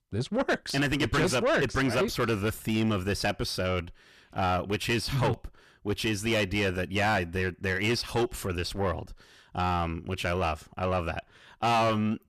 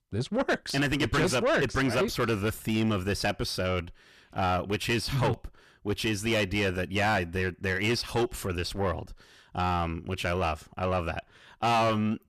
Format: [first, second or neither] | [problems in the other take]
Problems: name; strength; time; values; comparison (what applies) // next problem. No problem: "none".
neither | distortion; heavy; 6 dB below the speech; the same in both